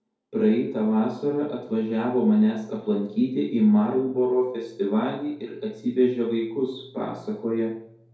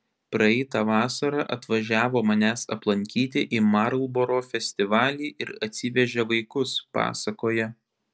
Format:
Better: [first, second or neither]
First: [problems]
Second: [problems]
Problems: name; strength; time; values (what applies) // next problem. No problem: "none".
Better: second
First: room echo; dies away in 2.3 s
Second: none